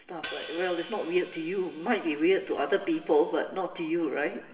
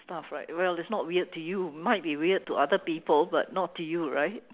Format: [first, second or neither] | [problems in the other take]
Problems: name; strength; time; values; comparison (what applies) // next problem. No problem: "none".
second | background sound (Hi-hat); 18 dB below the speech // room echo; dies away in 1.7 s